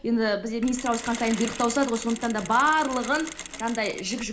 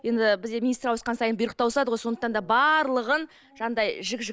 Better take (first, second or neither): second